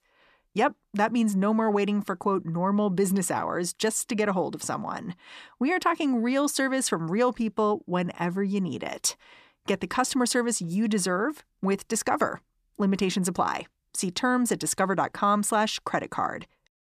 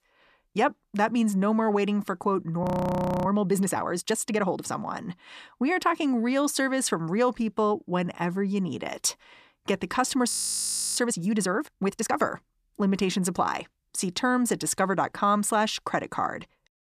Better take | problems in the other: first | audio freezing; at 2.5 s for 0.5 s and at 10 s for 0.5 s

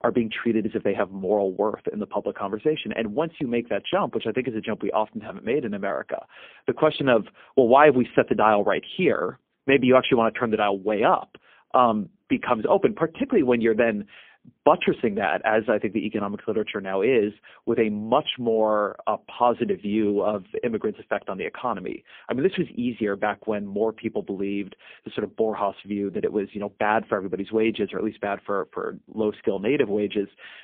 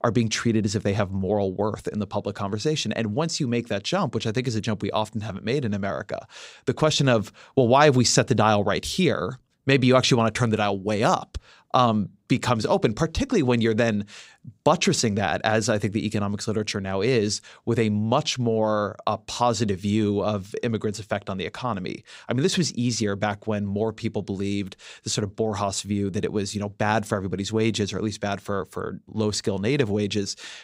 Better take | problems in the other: second | phone-call audio; poor line; nothing above 3.5 kHz

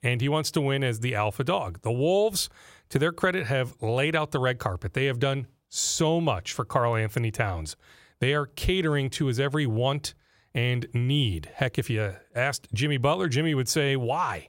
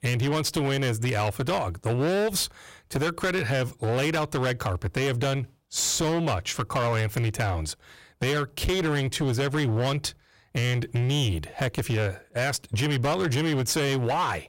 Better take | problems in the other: first | distortion; heavy; 23% of the sound clipped

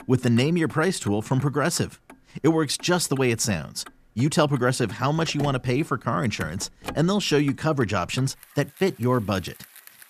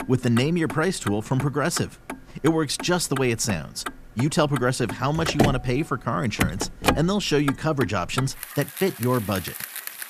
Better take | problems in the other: first | traffic noise; loud; throughout; 7 dB below the speech; faint in the first

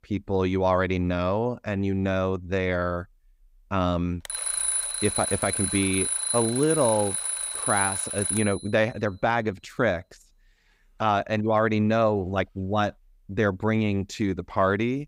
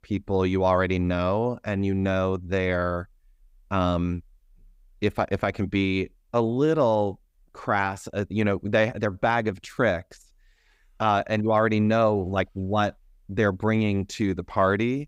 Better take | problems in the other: second | alarm; loud; from 4.5 to 8.5 s; peak 2 dB above the speech

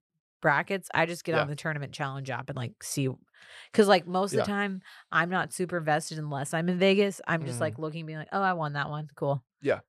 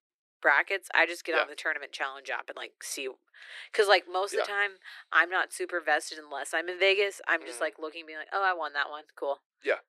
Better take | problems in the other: first | thin; very; fading below 350 Hz

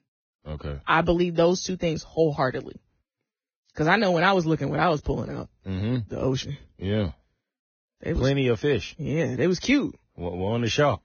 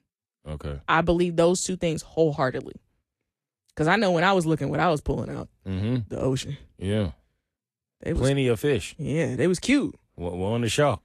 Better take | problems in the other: second | garbled, watery; badly; nothing above 6.5 kHz; slightly in the second

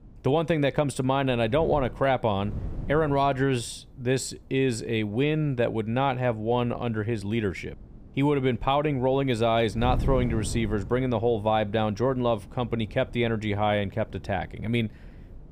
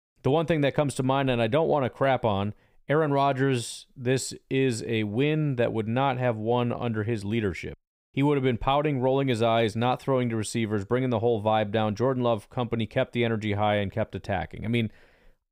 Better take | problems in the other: second | wind noise on the microphone; occasional gusts; 25 dB below the speech

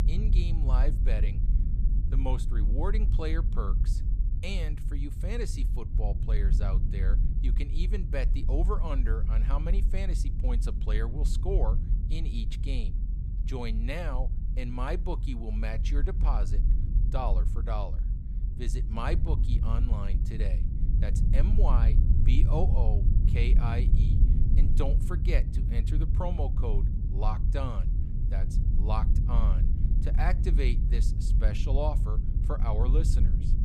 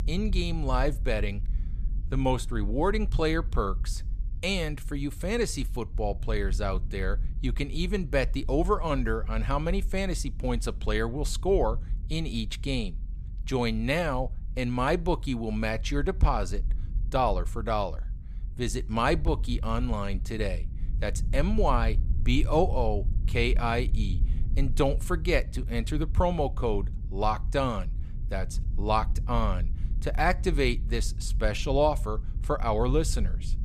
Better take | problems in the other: second | low rumble; loud; throughout; 7 dB below the speech; faint in the second

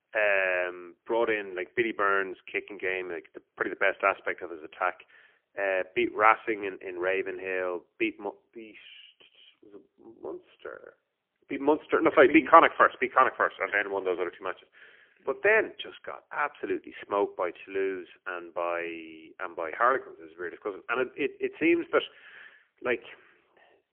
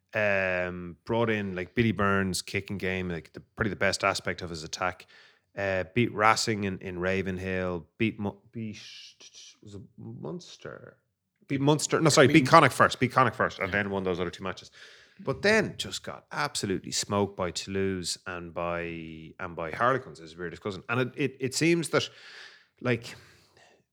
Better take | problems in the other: second | phone-call audio; poor line

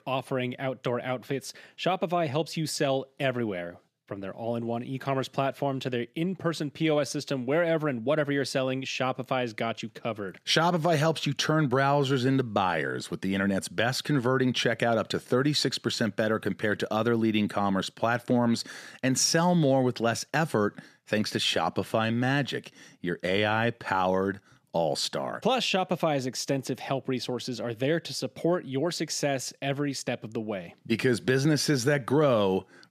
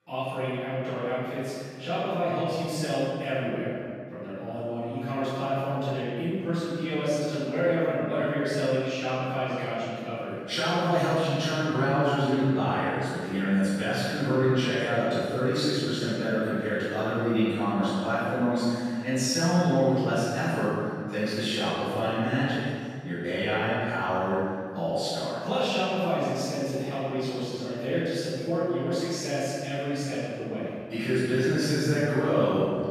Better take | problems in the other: first | off-mic speech; far // room echo; strong; dies away in 1.8 s

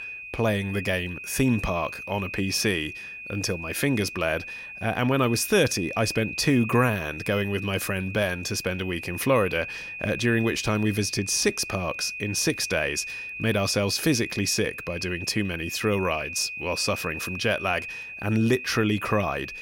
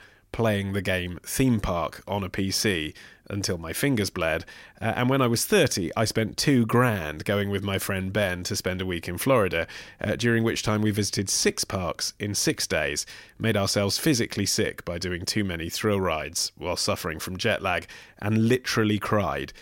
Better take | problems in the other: second | high-pitched whine; loud; throughout; 2.5 kHz, 9 dB below the speech

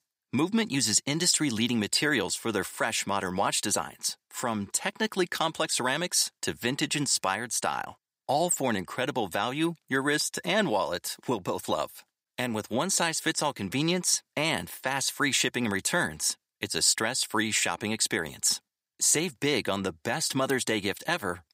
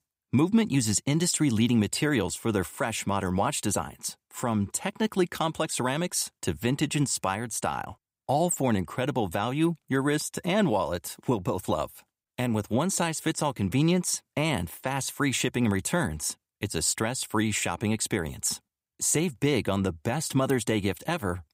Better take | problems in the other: second | thin; very slightly; fading below 350 Hz

